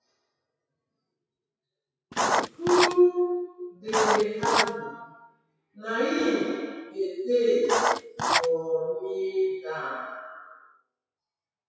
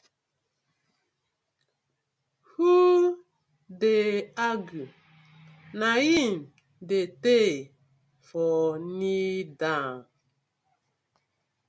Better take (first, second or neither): second